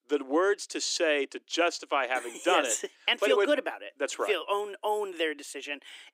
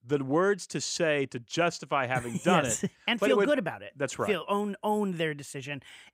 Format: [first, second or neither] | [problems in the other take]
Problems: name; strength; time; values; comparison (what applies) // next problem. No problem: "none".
second | thin; somewhat; fading below 300 Hz